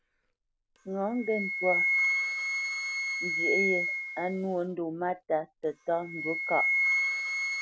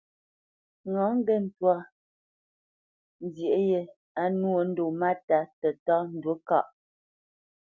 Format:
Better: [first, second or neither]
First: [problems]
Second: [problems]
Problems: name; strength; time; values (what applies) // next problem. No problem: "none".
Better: second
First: background sound (Wind instrument, woodwind instrument); 2 dB above the speech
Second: none